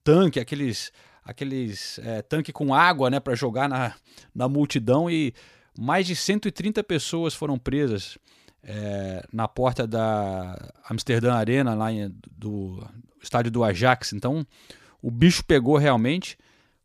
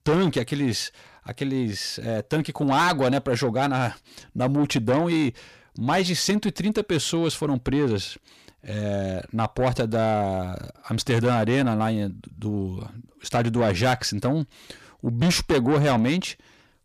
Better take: first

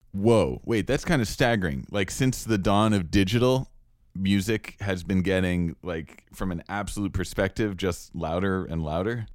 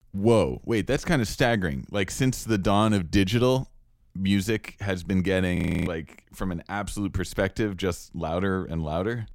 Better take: first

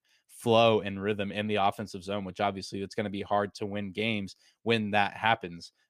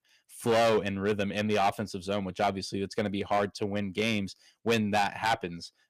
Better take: first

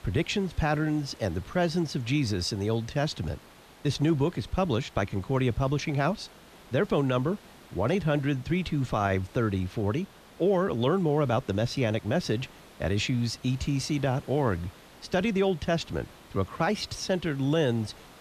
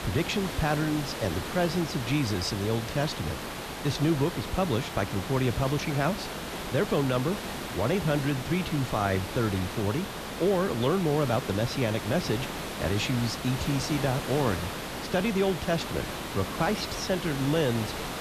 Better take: first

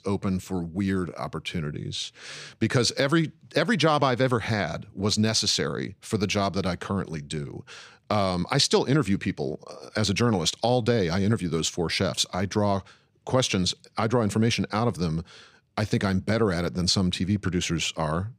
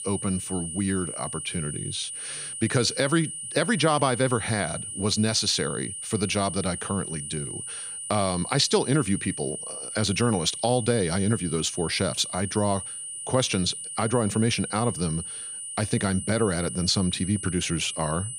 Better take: first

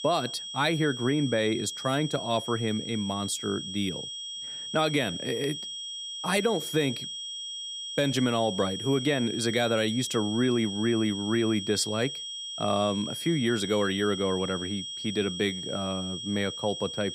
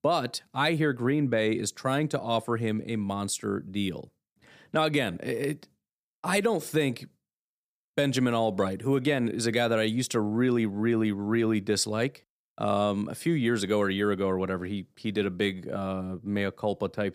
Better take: second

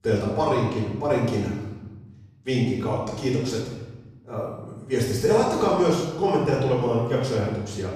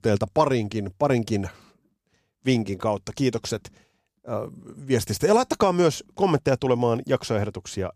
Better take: second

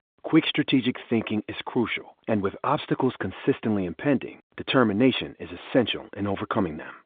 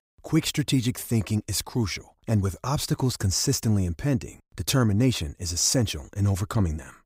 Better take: second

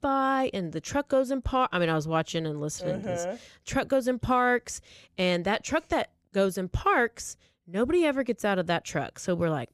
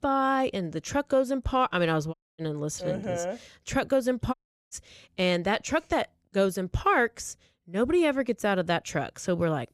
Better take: first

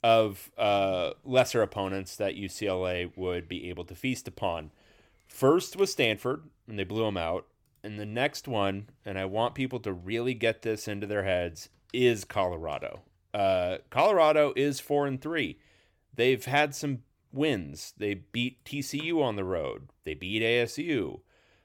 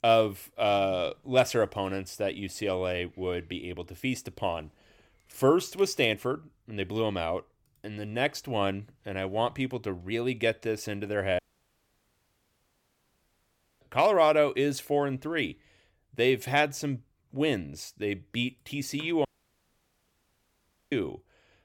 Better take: first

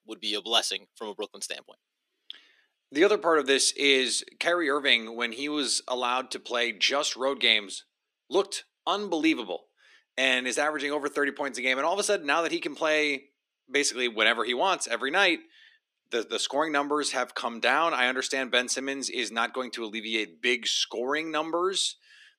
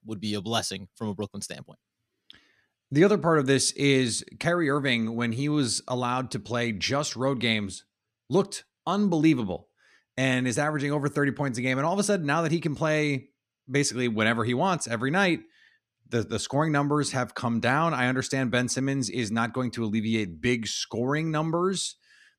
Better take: second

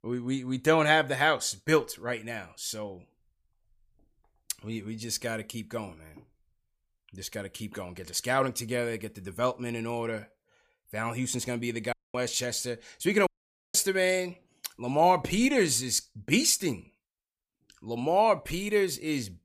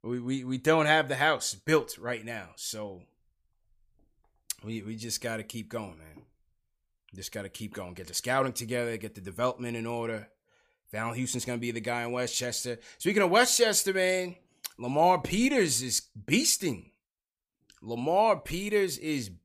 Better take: second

